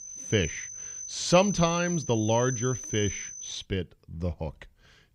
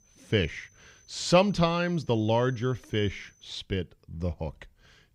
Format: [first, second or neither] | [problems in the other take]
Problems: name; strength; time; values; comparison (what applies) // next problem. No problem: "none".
second | high-pitched whine; loud; until 3.5 s; 6 kHz, 8 dB below the speech; faint in the second